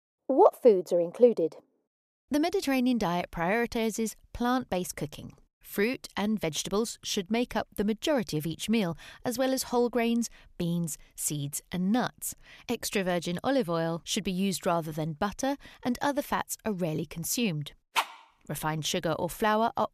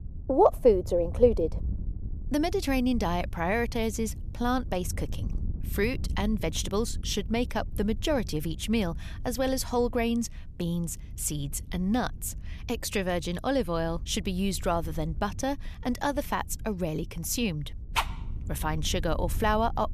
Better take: first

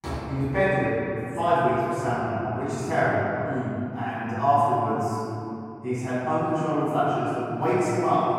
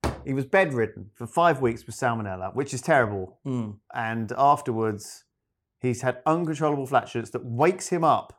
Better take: second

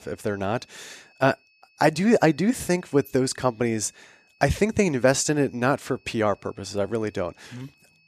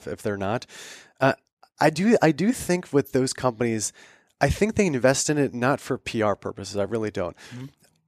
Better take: second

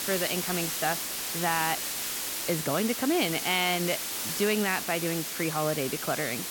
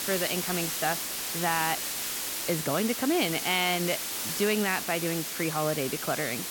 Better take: neither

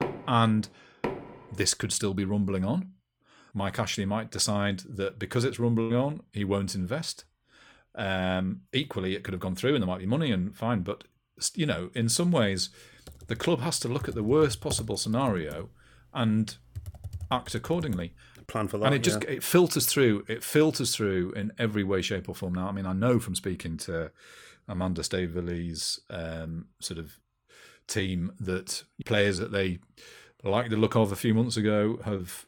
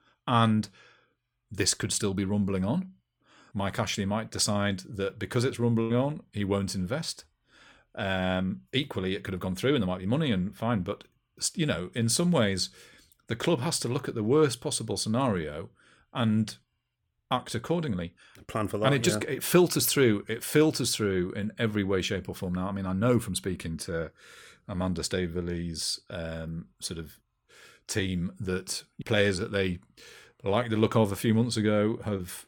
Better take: second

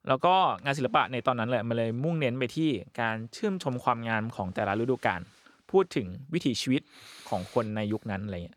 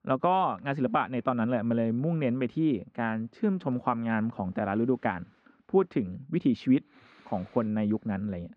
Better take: first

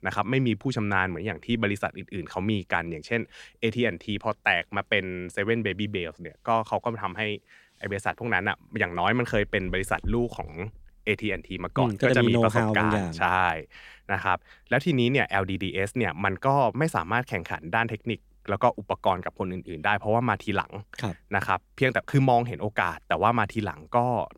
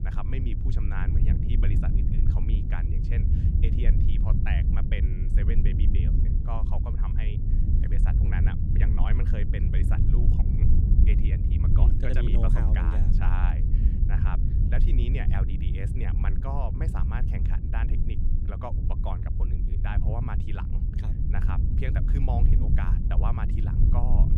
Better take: first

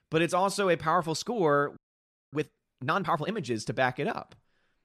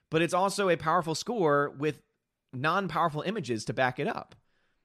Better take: second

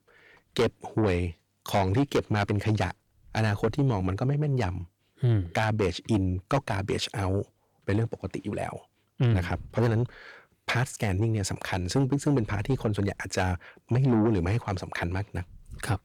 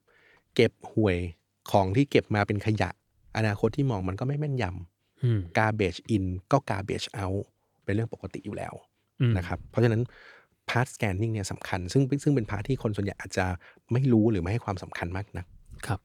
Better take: second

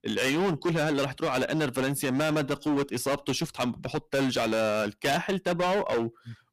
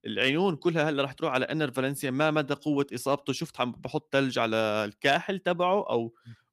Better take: second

